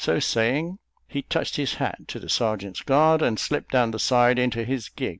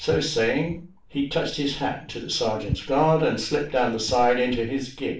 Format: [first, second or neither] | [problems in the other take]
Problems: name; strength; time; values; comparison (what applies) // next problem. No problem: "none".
first | background sound (Walk, footsteps); 16 dB below the speech // room echo; dies away in 0.4 s